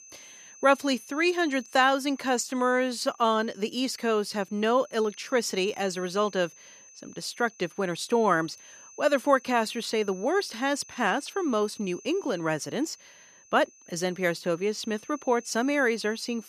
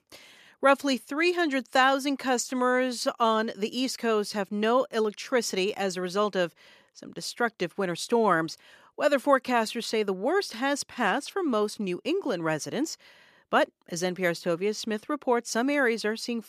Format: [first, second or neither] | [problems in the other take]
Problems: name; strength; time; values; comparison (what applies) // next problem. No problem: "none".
second | high-pitched whine; faint; throughout; 6 kHz, 20 dB below the speech